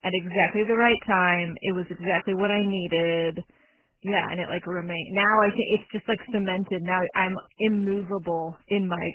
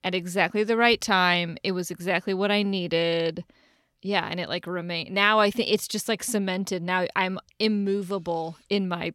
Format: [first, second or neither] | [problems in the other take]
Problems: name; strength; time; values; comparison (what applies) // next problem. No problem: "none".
second | garbled, watery; badly; nothing above 3 kHz